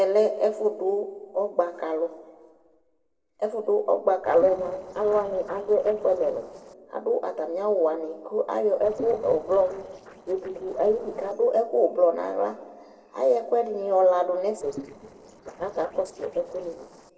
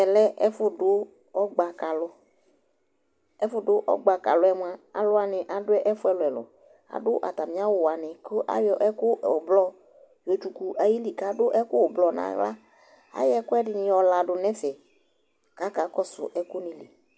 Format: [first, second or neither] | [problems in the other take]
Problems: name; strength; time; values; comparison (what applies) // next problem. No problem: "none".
second | noise reduction (neural separator model SepFormer DNS4)